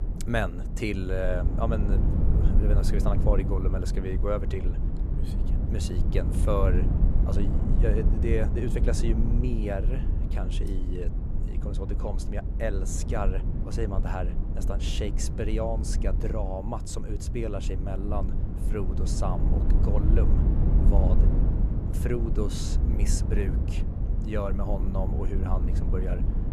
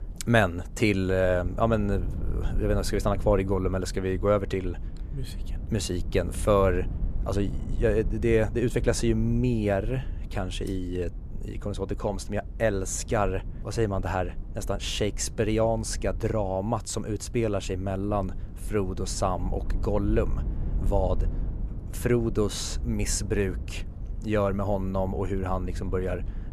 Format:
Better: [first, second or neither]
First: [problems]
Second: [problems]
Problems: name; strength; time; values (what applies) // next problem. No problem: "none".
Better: second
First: low rumble; loud; throughout; 6 dB below the speech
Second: low rumble; faint; throughout; 20 dB below the speech